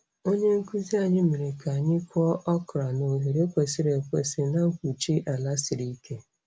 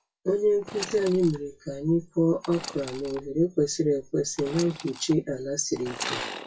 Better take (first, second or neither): first